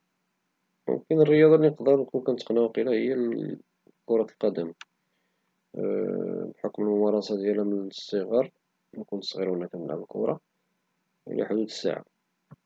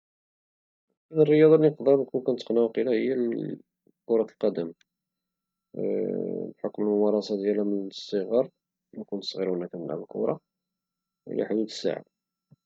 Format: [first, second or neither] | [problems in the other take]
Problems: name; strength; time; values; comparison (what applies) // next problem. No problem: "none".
first | noise reduction (neural mask model DeepFilterNet 3)